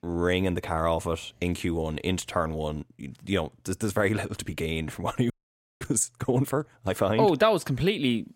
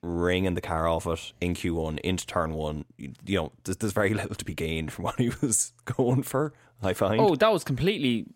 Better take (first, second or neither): second